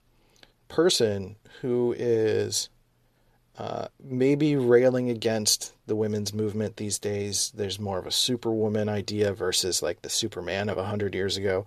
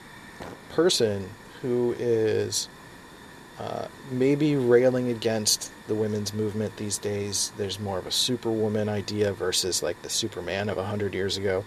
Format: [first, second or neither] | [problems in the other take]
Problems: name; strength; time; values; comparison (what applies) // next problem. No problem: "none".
first | hiss; noticeable; throughout; 20 dB below the speech